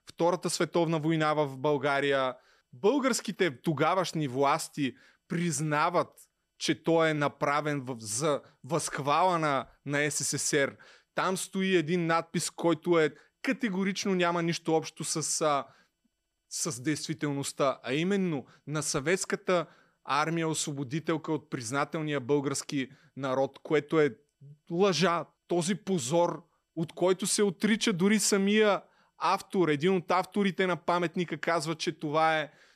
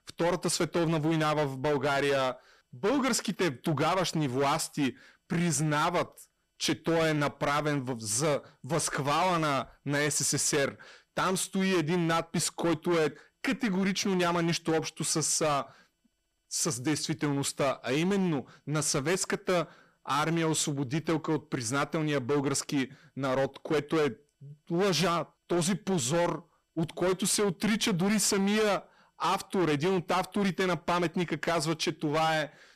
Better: first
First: none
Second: distortion; heavy; 18% of the sound clipped

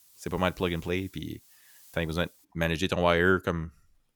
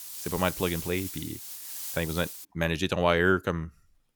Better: first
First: hiss; faint; until 2.5 s; 25 dB below the speech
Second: hiss; loud; until 2.5 s; 8 dB below the speech

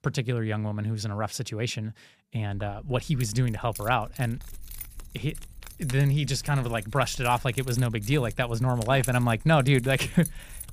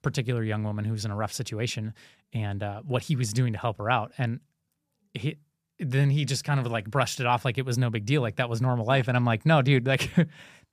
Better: second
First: jangling keys; noticeable; from 2.5 s on; peak 8 dB below the speech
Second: none

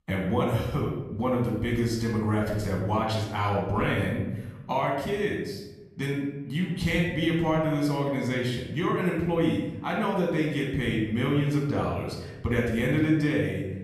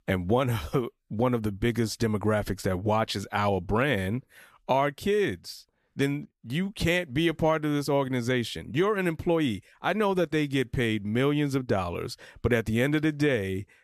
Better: second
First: off-mic speech; far // room echo; noticeable; dies away in 0.9 s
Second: none

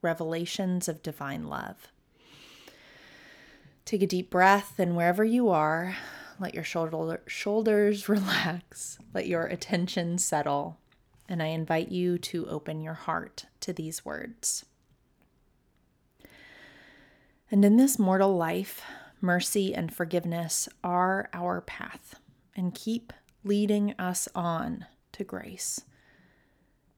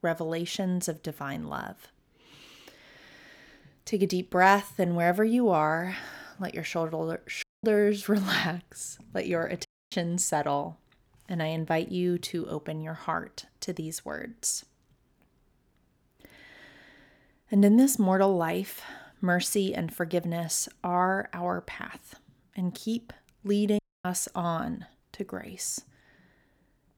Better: first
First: none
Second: audio cutting out; at 7.5 s, at 9.5 s and at 24 s

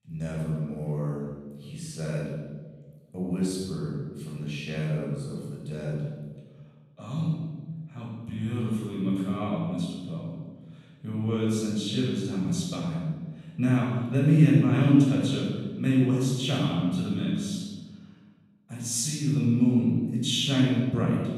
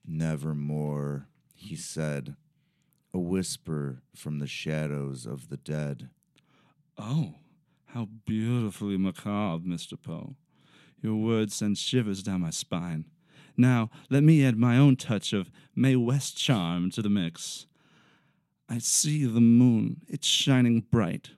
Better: second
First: room echo; strong; dies away in 1.3 s // off-mic speech; far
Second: none

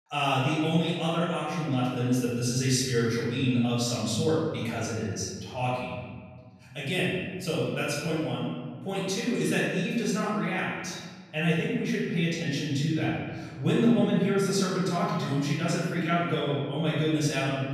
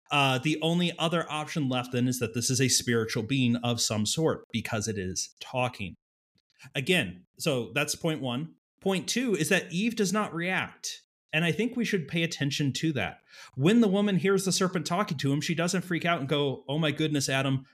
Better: second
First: room echo; strong; dies away in 1.5 s // off-mic speech; far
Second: none

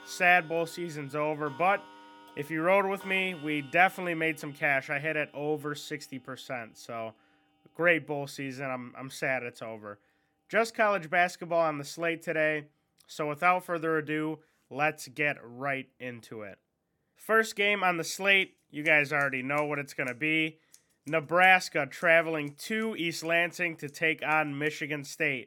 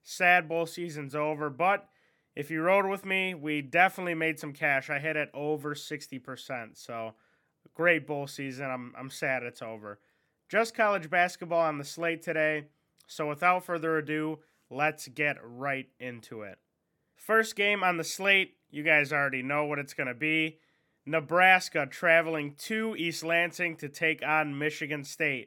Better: second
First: household noises; faint; throughout; 25 dB below the speech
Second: none

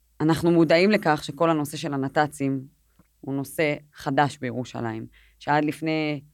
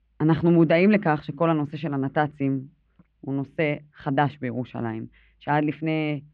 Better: first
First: none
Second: muffled; slightly; fading above 3 kHz

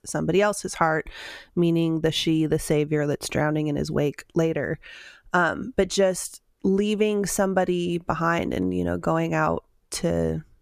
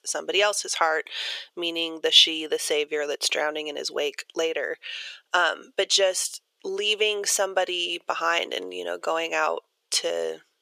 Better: first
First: none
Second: thin; very; fading below 450 Hz

